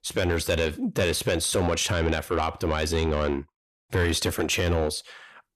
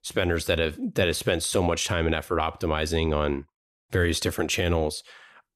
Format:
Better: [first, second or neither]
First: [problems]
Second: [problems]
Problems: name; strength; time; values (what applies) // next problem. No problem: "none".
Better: second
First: distortion; slight; 10 dB below the speech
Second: none